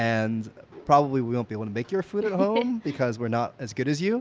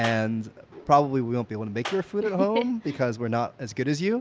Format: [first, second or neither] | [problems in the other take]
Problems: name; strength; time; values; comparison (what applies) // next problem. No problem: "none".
first | background sound (Clapping); 15 dB below the speech